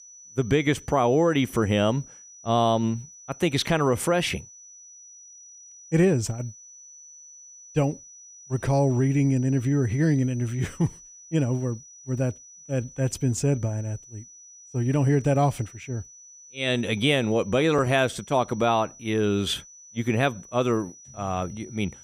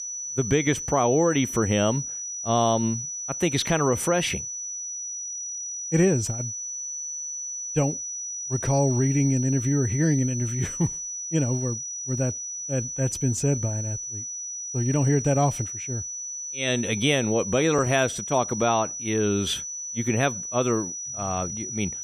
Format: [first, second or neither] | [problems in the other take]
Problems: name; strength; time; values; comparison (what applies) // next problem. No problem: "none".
first | high-pitched whine; loud; throughout; 6 kHz, 5 dB below the speech; faint in the first